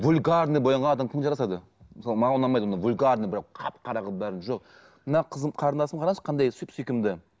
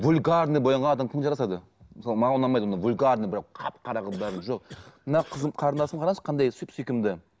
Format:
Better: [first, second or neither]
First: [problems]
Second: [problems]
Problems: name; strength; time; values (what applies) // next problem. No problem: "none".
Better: first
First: none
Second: background sound (Cough); 20 dB below the speech